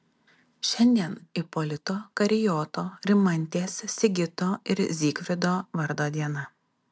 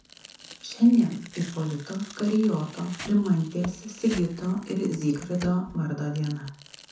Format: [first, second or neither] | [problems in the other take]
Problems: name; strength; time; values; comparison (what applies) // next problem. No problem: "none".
first | background sound (Tearing); 19 dB below the speech // room echo; dies away in 0.6 s